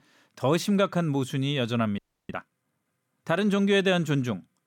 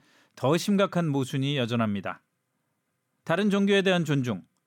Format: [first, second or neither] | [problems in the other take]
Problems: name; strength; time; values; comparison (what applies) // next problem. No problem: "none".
second | audio freezing; at 2 s